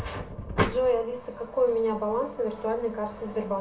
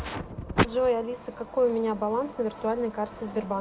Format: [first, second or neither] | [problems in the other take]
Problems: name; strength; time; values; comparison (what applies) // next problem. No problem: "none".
second | room echo; dies away in 0.3 s